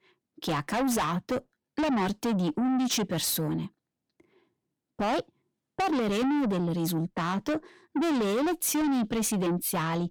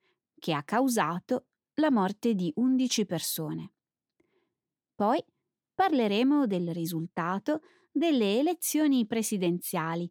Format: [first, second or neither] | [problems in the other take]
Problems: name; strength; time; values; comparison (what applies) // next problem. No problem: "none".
second | distortion; heavy; 7 dB below the speech